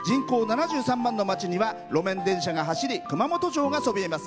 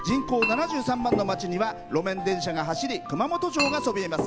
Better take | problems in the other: first | background sound (Chink, clink); 7 dB below the speech

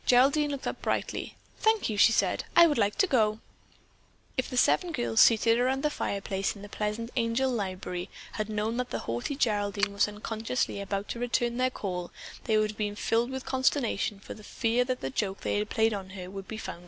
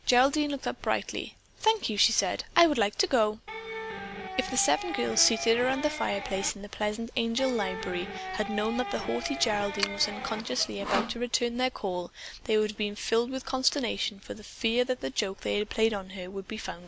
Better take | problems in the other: first | background sound (Sawing + Electric guitar); 8 dB below the speech

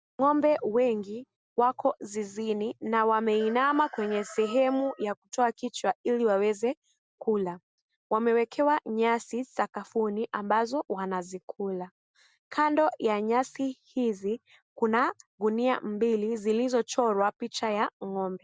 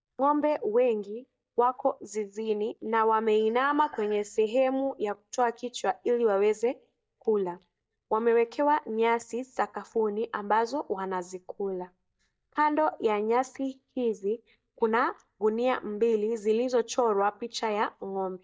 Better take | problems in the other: first | noise reduction (neural mask model DeepFilterNet 3)

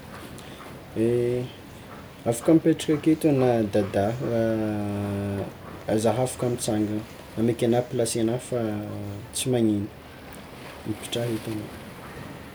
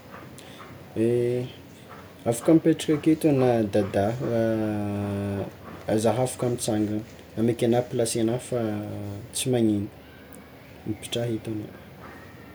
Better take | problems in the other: second | background sound (Waves, surf); 19 dB below the speech

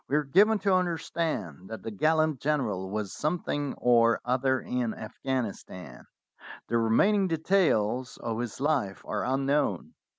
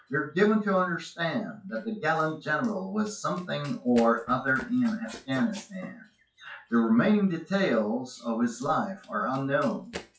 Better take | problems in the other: first | noise reduction (classical method WPE with log-MMSE)

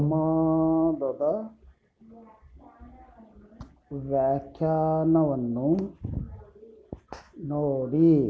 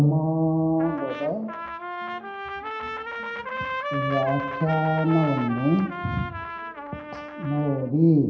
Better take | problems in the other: first | background sound (Trumpet); 8 dB below the speech // room echo; dies away in 0.9 s

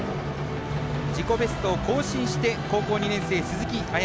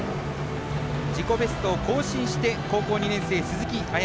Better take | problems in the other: first | background sound (Fixed-wing aircraft, airplane); 17 dB below the speech

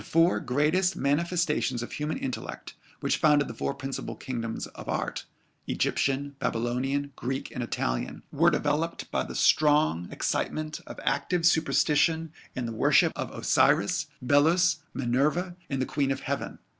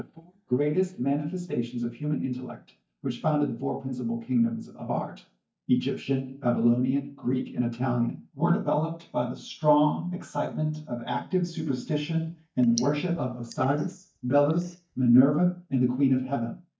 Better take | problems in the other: first | noise reduction (neural mask model DeepFilterNet 3)

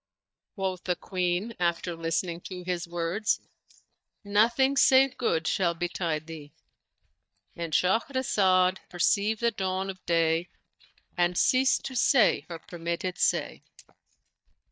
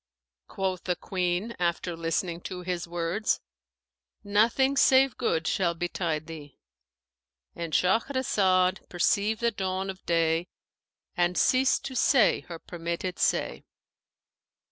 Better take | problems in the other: second | noise reduction (neural mask model DeepFilterNet 3)

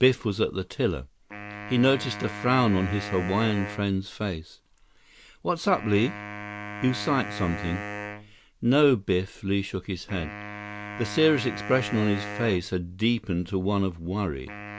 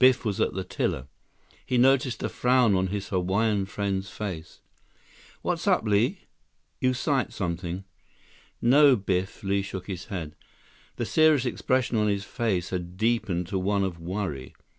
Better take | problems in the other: second | background sound (Wind instrument, woodwind instrument); 12 dB below the speech

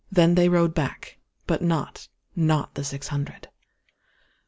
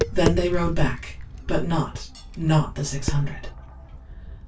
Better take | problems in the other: first | background sound (Tap); 7 dB below the speech // room echo; dies away in 0.1 s

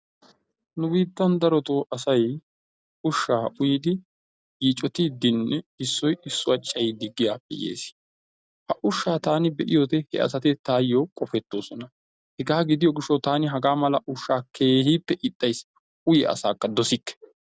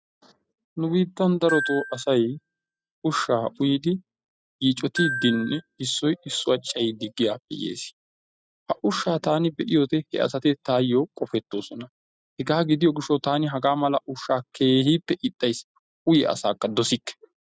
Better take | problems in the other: first | noise reduction (classical method spectral subtraction)

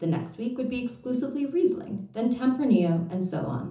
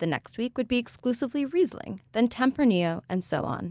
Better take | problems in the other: second | room echo; dies away in 0.6 s

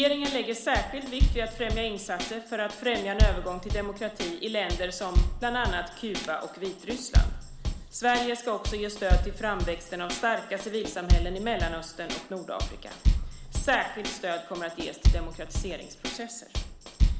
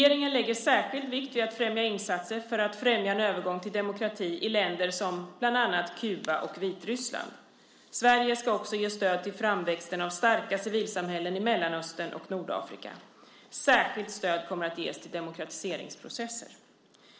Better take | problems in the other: second | background sound (Bass drum / Snare drum / Drum kit); 3 dB above the speech

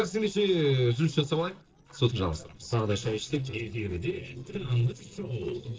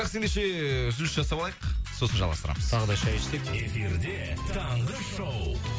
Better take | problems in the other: second | noise reduction (neural separator model SepFormer DNS4)

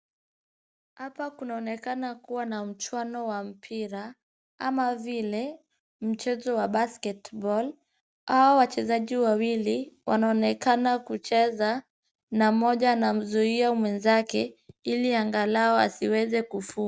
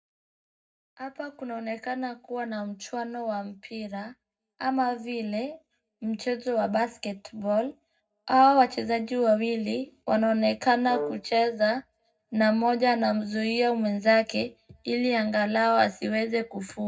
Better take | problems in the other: first | background sound (Brass instrument); 11 dB below the speech // room echo; dies away in 0.3 s

